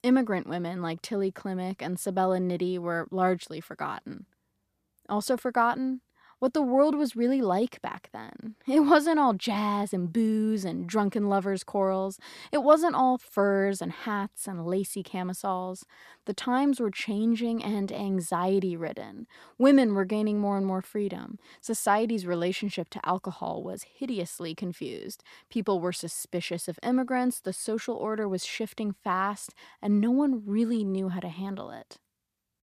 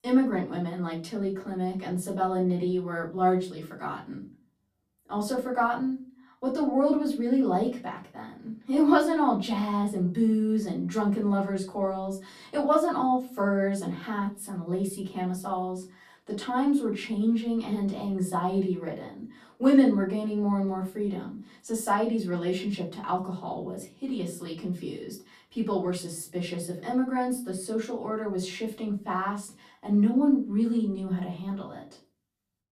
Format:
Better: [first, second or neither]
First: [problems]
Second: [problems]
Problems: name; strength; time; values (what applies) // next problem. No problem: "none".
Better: first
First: none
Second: room echo; very slight; dies away in 0.3 s // off-mic speech; far